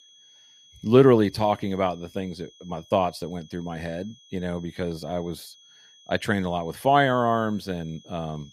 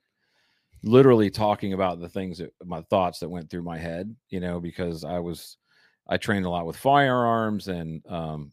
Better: second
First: high-pitched whine; faint; throughout; 3.5 kHz, 25 dB below the speech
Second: none

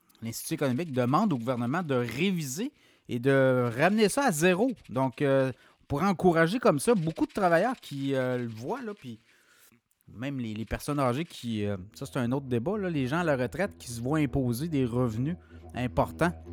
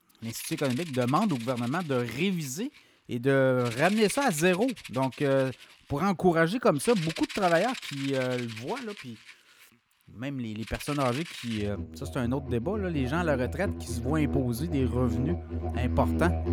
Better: first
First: background music; faint; throughout; 25 dB below the speech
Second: background music; loud; throughout; 8 dB below the speech

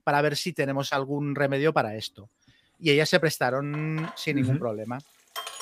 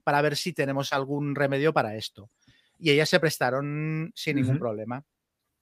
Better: second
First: household noises; noticeable; throughout; 15 dB below the speech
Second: none

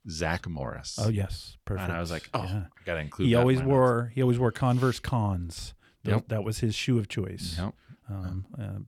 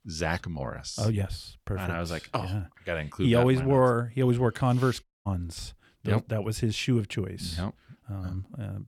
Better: first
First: none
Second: audio cutting out; at 5 s

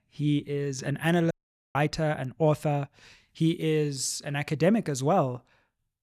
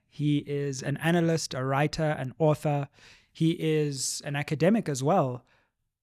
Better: second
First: audio cutting out; at 1.5 s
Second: none

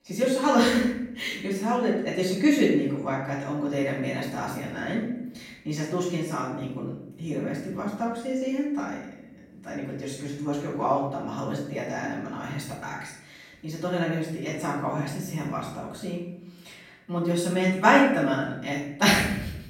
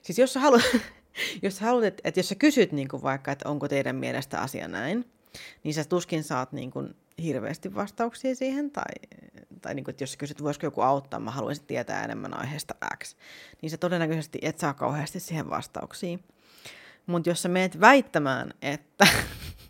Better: second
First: room echo; noticeable; dies away in 0.8 s // off-mic speech; far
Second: none

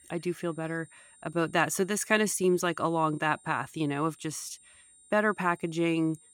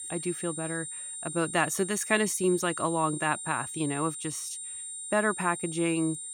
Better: first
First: high-pitched whine; faint; throughout; 9 kHz, 25 dB below the speech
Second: high-pitched whine; loud; throughout; 9 kHz, 7 dB below the speech

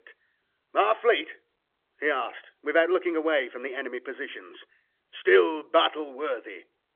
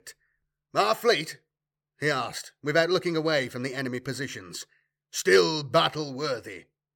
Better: second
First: phone-call audio; nothing above 3.5 kHz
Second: none

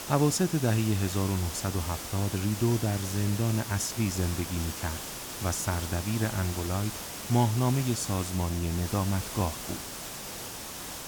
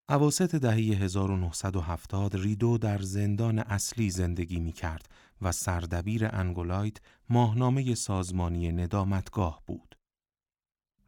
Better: second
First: hiss; loud; throughout; 7 dB below the speech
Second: none

